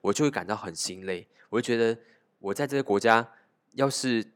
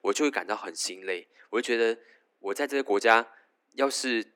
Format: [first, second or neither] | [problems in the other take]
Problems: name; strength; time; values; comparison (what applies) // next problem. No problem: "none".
first | thin; very slightly; fading below 250 Hz